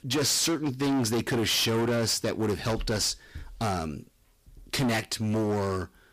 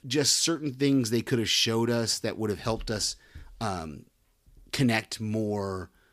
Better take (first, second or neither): second